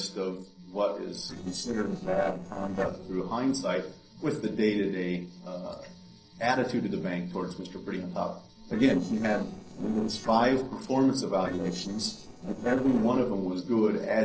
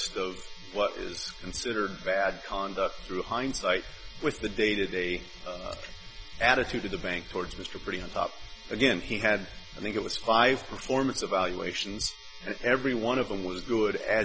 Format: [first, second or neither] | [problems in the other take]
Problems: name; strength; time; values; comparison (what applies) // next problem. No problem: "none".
second | noise reduction (neural separator model SepFormer DNS4)